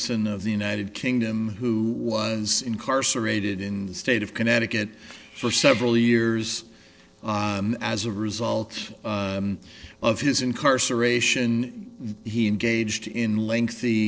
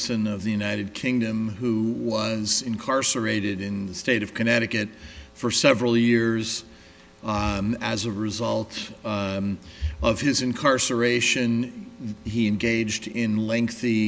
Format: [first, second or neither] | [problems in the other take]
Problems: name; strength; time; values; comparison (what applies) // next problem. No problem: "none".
second | noise reduction (neural separator model SepFormer DNS4)